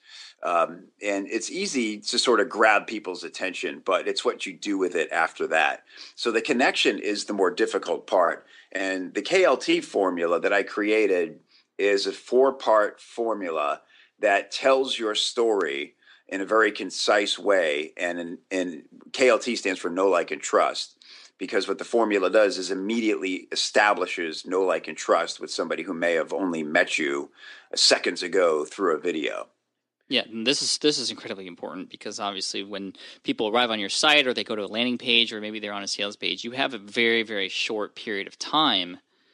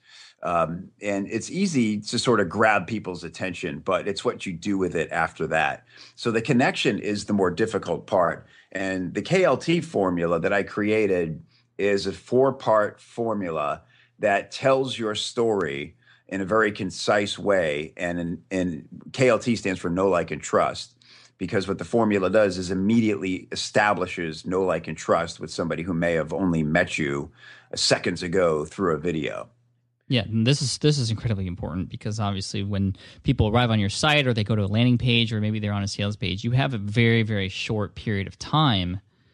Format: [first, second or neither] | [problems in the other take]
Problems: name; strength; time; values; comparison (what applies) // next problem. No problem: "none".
second | thin; somewhat; fading below 300 Hz